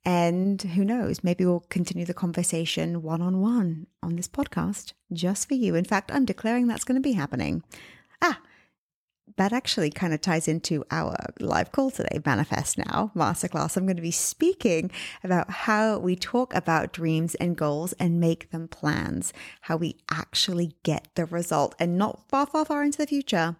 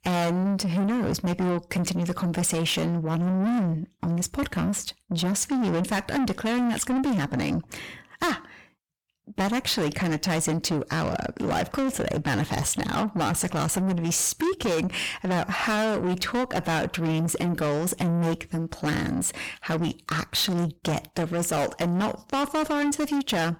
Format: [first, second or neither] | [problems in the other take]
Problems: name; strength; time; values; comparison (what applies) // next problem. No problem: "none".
first | distortion; heavy; 6 dB below the speech